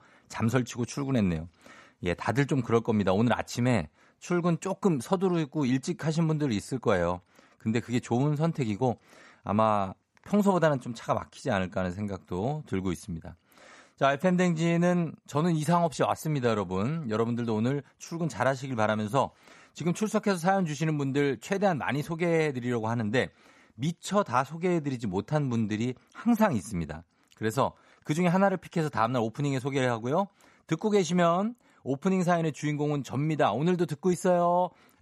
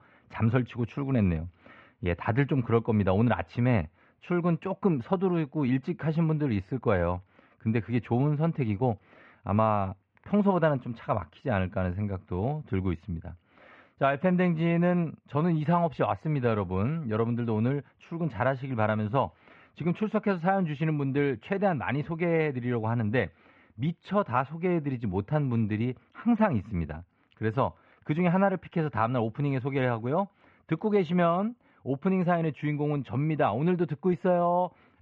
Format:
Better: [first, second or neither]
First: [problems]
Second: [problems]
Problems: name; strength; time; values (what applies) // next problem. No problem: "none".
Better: first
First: none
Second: muffled; very; fading above 3 kHz